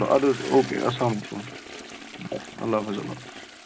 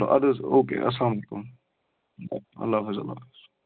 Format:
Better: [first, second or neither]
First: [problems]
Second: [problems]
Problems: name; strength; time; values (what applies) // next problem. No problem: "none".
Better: second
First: background sound (Toilet flush); 13 dB below the speech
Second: none